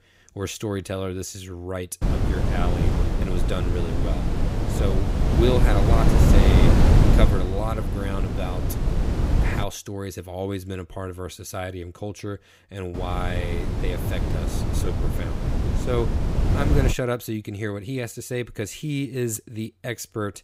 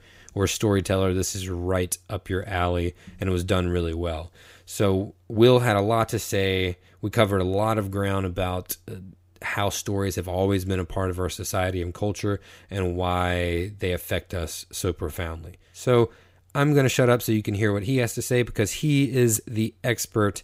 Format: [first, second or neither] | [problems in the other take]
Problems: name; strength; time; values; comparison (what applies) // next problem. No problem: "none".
second | wind noise on the microphone; heavy; from 2 to 9.5 s and from 13 to 17 s; as loud as the speech